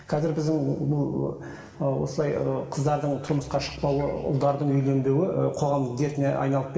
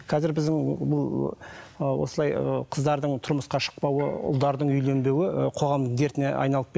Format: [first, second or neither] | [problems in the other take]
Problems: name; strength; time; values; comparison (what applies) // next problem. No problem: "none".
second | background sound (Growling); 19 dB below the speech // room echo; dies away in 2.2 s